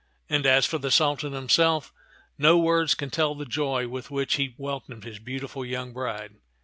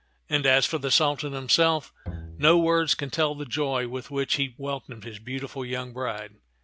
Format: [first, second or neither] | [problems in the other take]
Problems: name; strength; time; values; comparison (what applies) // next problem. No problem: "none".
first | background sound (Bowed string instrument); 14 dB below the speech